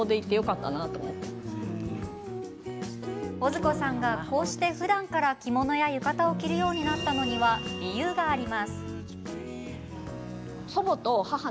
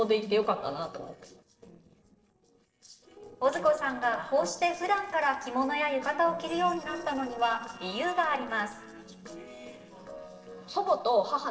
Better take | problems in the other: first | noise reduction (neural separator model SepFormer DNS4)

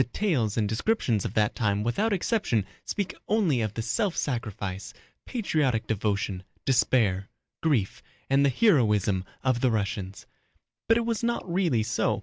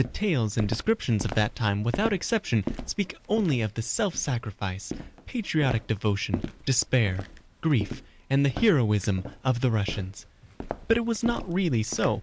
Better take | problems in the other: first | background sound (Walk, footsteps); 12 dB below the speech

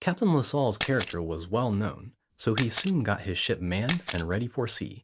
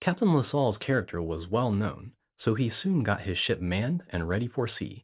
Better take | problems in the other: second | background sound (Camera); 11 dB below the speech

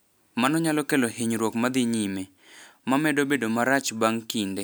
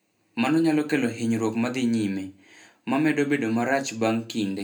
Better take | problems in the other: first | room echo; dies away in 0.3 s

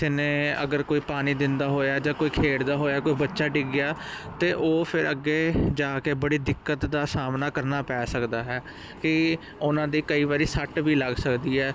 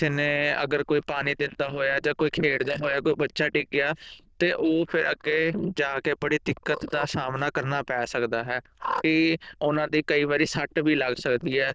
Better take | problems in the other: first | noise reduction (neural diffusion model UNIVERSE++)

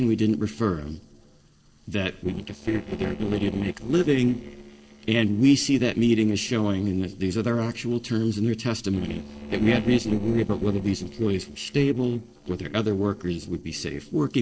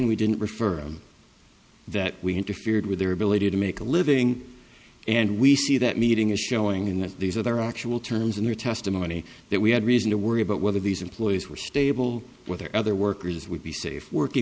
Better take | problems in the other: second | noise reduction (neural separator model SepFormer DNS4)

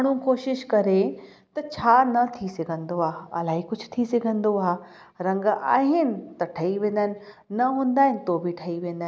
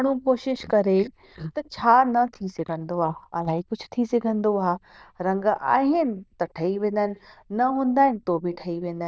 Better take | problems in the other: first | noise reduction (neural diffusion model UNIVERSE++)

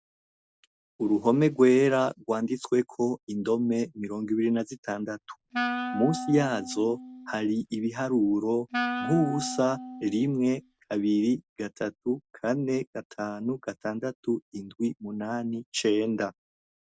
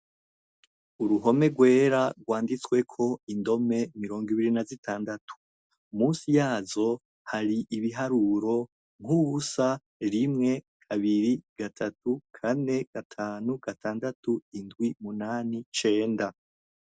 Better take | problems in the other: second | background sound (Wind instrument, woodwind instrument); 7 dB below the speech

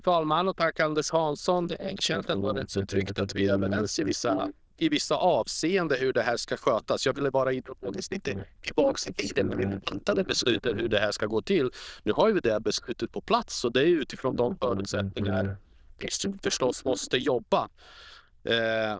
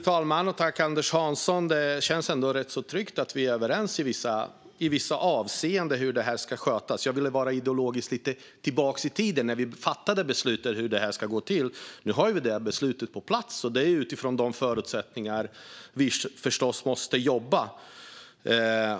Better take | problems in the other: second | noise reduction (neural diffusion model UNIVERSE++)

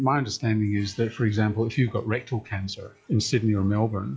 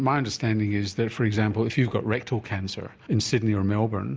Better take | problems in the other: second | noise reduction (classical method log-MMSE)

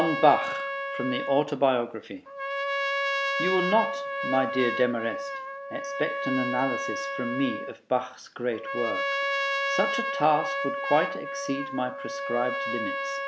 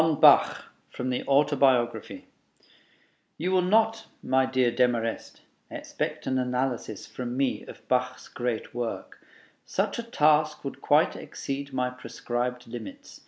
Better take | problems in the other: second | background sound (Trumpet); 2 dB below the speech

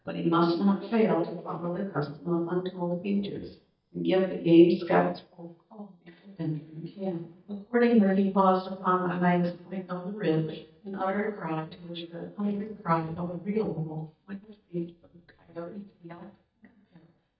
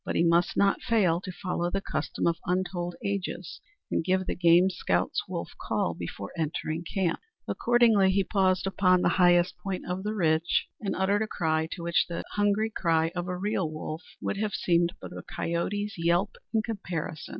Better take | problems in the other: second | noise reduction (neural mask model DeepFilterNet 3)

